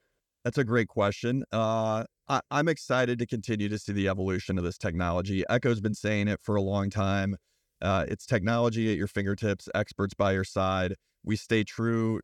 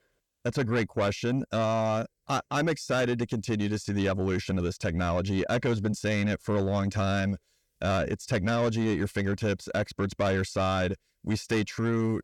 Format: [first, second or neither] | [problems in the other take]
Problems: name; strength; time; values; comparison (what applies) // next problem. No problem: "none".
first | distortion; slight; 10 dB below the speech